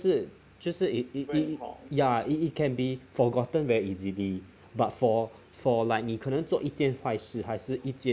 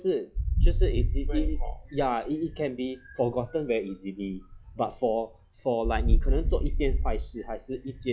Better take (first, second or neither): first